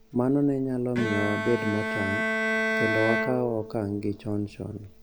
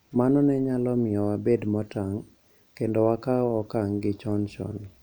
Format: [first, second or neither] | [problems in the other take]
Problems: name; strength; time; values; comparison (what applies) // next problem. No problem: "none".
second | background sound (Bowed string instrument); 2 dB below the speech